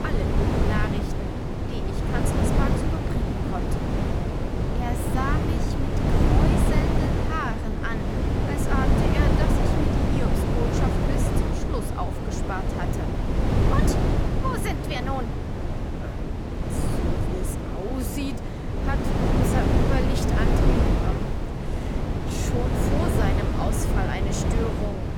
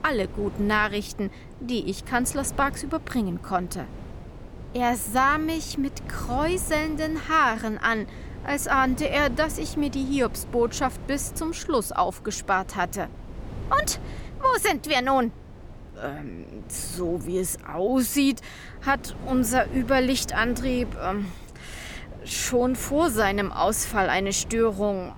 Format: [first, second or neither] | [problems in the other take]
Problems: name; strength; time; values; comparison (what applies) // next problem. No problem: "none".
second | wind noise on the microphone; heavy; 3 dB above the speech; occasional gusts in the second